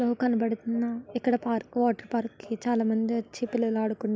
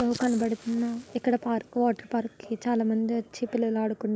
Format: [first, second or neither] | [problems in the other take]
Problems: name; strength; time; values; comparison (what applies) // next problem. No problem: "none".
first | noise reduction (neural mask model Resemble Enhance denoiser)